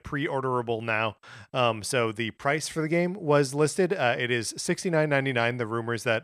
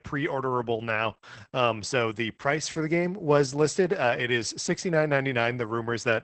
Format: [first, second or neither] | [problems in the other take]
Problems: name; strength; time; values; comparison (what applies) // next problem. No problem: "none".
first | garbled, watery; badly; nothing above 8 kHz